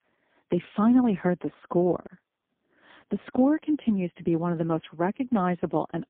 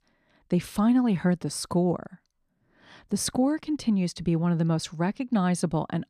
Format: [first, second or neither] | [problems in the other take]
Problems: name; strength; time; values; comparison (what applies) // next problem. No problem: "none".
second | phone-call audio; poor line; nothing above 8 kHz